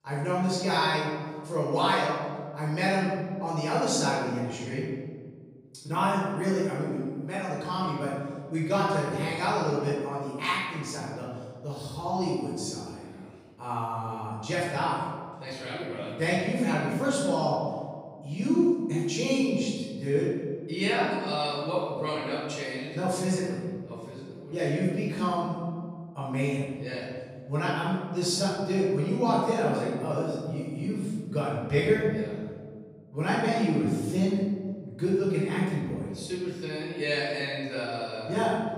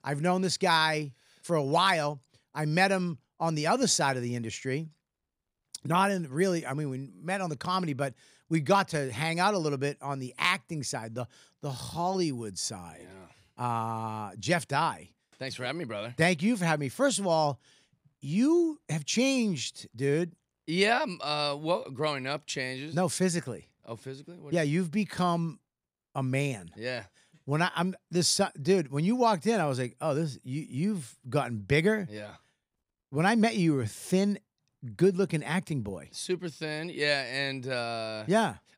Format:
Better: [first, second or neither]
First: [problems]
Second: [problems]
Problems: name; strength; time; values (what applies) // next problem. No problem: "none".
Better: second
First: room echo; strong; dies away in 1.6 s // off-mic speech; far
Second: none